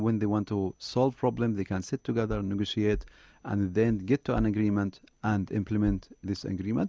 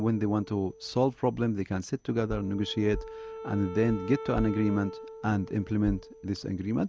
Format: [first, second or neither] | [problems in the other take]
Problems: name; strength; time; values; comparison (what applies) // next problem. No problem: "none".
first | background sound (Wind instrument, woodwind instrument); 15 dB below the speech